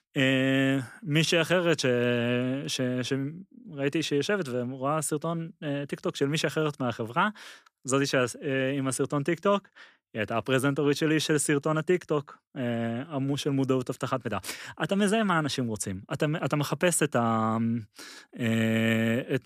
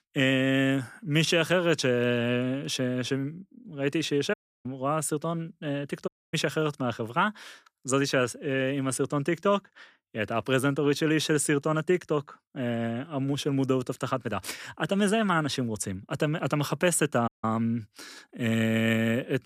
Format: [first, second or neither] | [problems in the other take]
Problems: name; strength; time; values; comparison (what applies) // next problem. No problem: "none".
first | audio cutting out; at 4.5 s, at 6 s and at 17 s